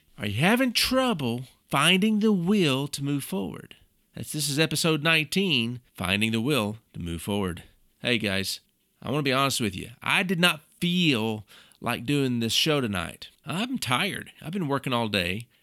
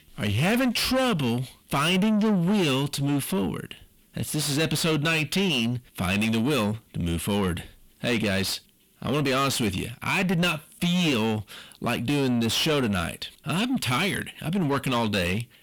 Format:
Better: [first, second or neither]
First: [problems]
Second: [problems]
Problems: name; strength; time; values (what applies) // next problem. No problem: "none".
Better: first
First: none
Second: distortion; heavy; 6 dB below the speech